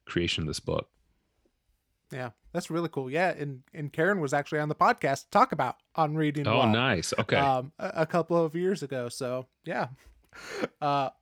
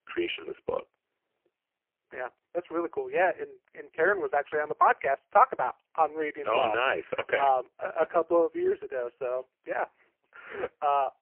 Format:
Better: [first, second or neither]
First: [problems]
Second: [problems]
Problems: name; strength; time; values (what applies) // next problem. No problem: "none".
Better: first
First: none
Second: phone-call audio; poor line; nothing above 3 kHz